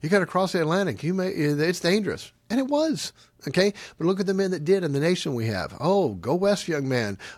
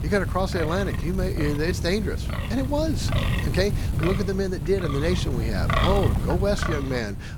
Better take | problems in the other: first | wind noise on the microphone; heavy; 5 dB below the speech

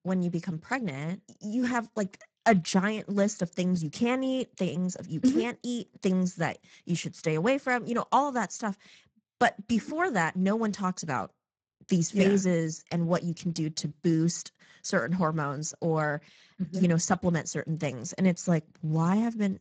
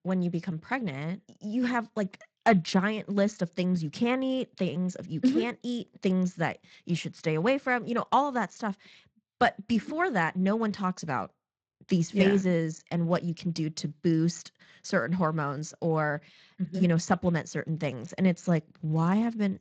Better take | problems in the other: second | garbled, watery; badly; nothing above 7.5 kHz; slightly in the second

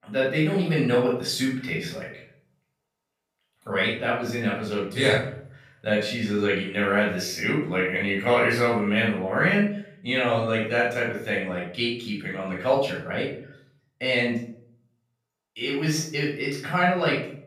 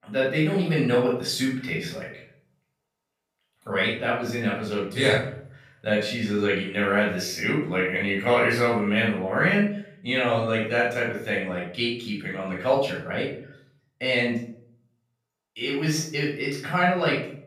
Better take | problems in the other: neither | off-mic speech; far; the same in both // room echo; noticeable; dies away in 0.5 s; the same in both

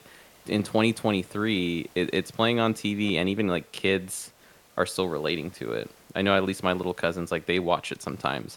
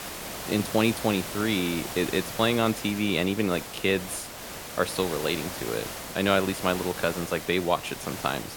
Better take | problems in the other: first | hiss; loud; throughout; 8 dB below the speech; faint in the first

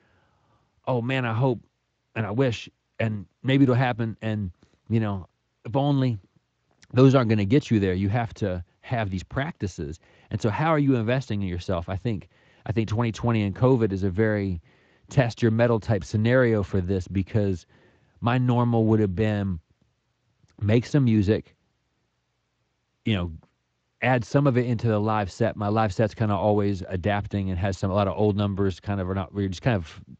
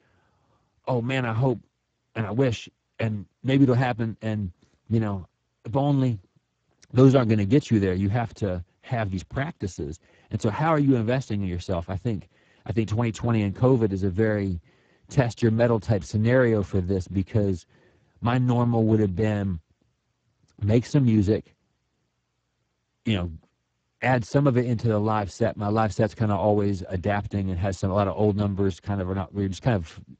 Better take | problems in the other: first | garbled, watery; badly; nothing above 7.5 kHz; slightly in the first

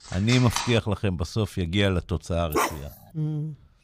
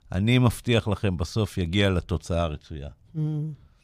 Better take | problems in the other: second | phone ringing; noticeable; at the start; peak 3 dB below the speech // dog barking; noticeable; at 2.5 s; peak 1 dB below the speech

